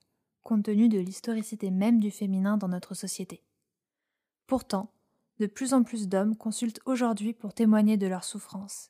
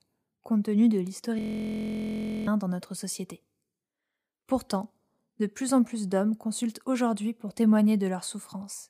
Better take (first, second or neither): first